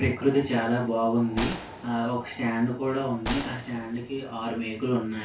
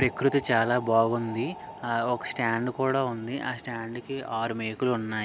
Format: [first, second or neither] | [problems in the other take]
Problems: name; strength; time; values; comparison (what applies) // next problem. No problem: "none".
second | background sound (Gunshot, gunfire); 12 dB below the speech // room echo; dies away in 0.2 s